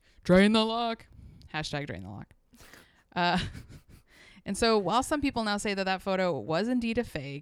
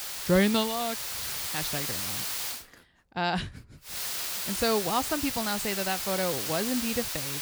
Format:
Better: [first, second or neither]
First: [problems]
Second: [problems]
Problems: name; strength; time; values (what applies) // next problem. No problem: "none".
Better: first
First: none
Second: hiss; loud; until 2.5 s and from 4 s on; 1 dB below the speech